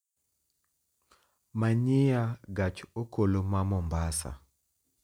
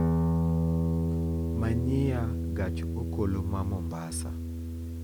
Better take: first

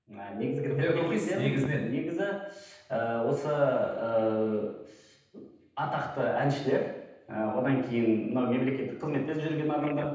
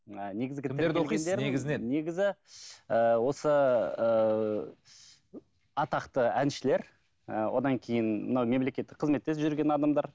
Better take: second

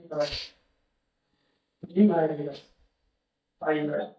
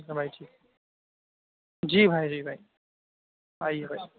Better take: second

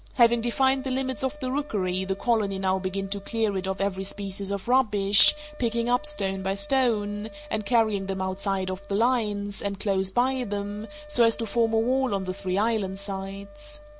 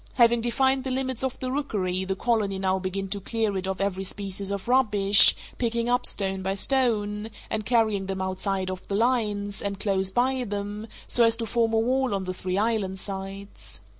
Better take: second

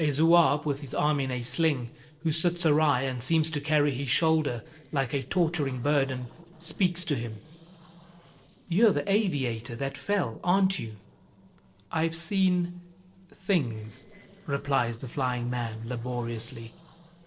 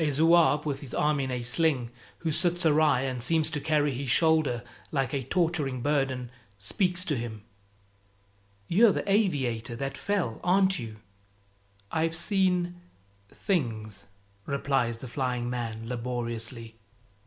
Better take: second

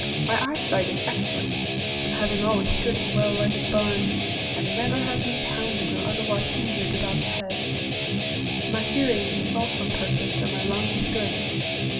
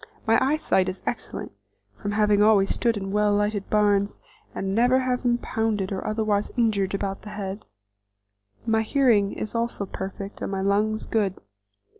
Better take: second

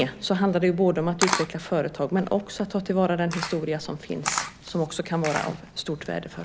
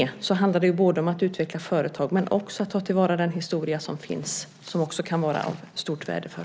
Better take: second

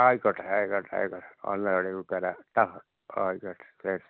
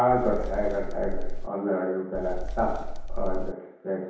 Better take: first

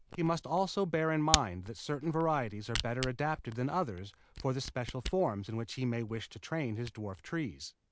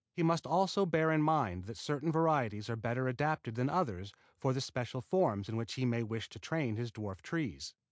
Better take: second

